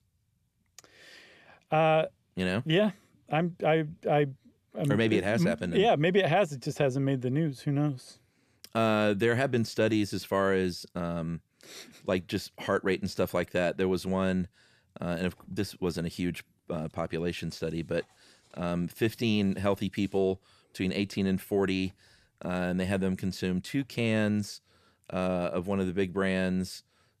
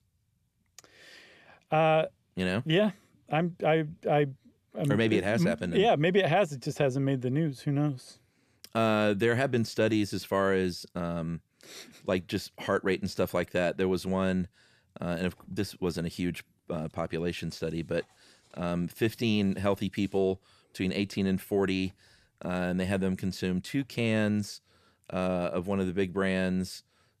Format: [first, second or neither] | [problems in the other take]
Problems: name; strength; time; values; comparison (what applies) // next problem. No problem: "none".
neither | none